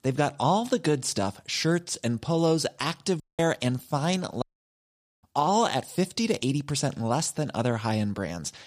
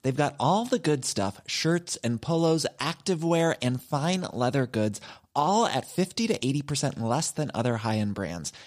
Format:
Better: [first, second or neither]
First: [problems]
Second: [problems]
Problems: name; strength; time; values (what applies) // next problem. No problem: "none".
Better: second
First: audio cutting out; at 3 s and at 4.5 s for 1 s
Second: none